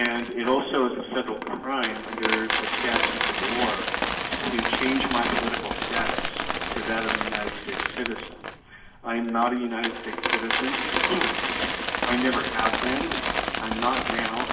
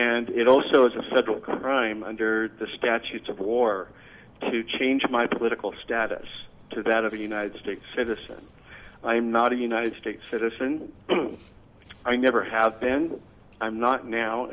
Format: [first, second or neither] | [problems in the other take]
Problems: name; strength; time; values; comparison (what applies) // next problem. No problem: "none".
second | background sound (Coin (dropping)); as loud as the speech // room echo; dies away in 0.9 s